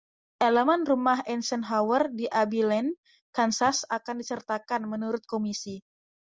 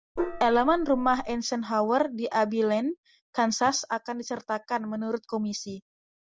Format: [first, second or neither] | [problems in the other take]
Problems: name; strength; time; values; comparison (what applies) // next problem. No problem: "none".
first | background sound (Gong); 7 dB below the speech